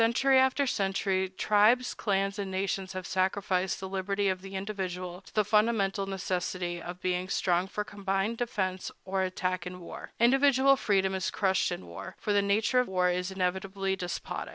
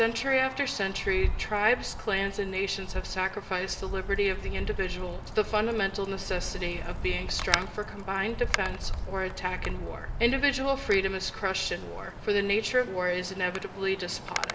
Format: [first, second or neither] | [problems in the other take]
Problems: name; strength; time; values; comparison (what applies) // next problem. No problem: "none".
first | background sound (Wind); 5 dB below the speech // room echo; dies away in 2.2 s